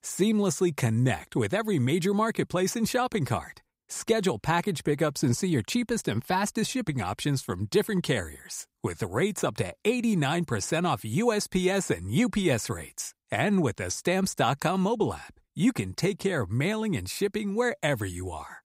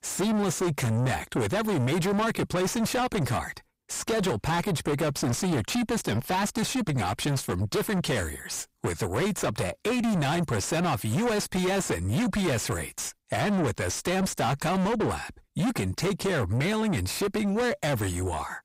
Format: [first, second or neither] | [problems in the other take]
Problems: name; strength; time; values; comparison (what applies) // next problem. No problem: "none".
first | distortion; heavy; 6 dB below the speech